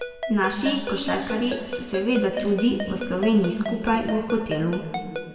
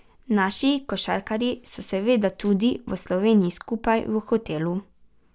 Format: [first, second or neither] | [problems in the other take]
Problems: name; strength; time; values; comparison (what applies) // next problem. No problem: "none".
second | background sound (Ringtone); 9 dB below the speech // room echo; dies away in 2.3 s